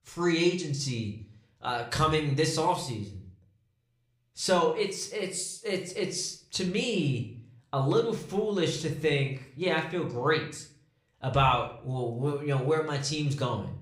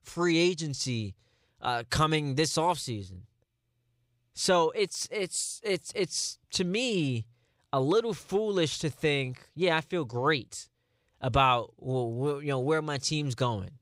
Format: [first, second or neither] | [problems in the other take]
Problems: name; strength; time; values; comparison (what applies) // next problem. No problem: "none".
second | room echo; slight; dies away in 0.4 s // off-mic speech; somewhat distant